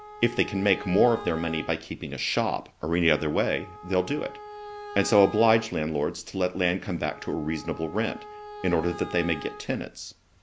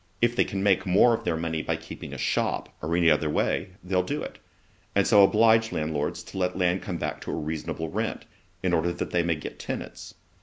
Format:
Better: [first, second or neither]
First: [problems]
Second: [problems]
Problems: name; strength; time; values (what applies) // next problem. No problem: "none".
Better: second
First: background sound (Wind instrument, woodwind instrument); 16 dB below the speech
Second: none